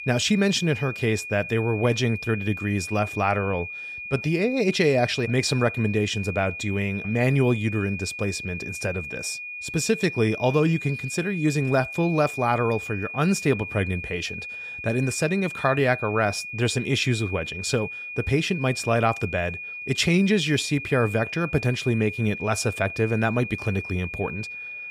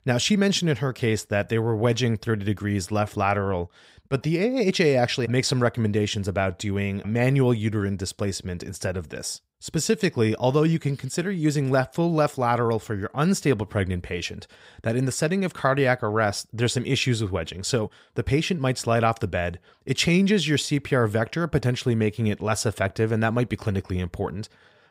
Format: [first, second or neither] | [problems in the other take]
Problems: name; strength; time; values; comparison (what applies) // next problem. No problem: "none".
second | high-pitched whine; loud; throughout; 2.5 kHz, 8 dB below the speech